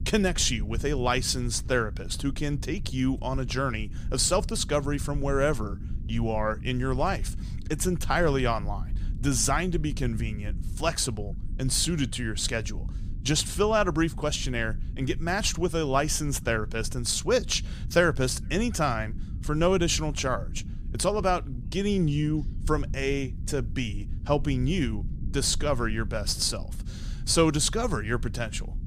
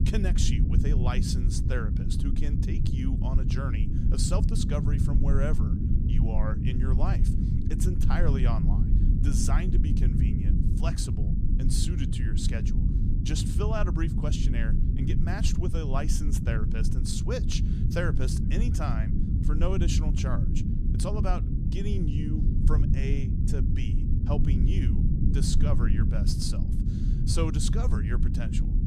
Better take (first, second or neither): first